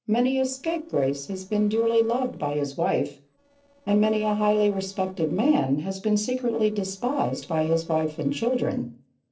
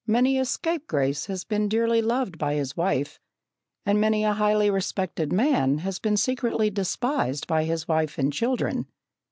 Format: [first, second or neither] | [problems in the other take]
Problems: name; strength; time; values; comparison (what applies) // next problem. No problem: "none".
second | noise reduction (neural separator model SepFormer DNS4)